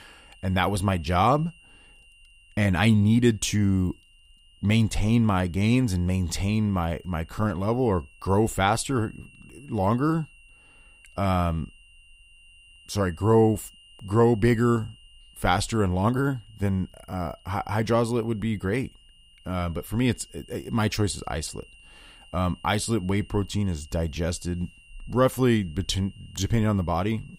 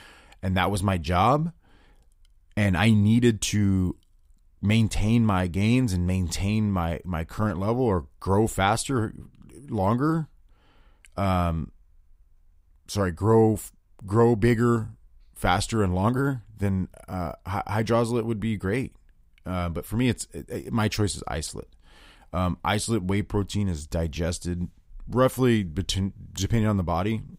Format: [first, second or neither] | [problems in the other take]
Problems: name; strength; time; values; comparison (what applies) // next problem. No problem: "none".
second | high-pitched whine; faint; throughout; 3 kHz, 25 dB below the speech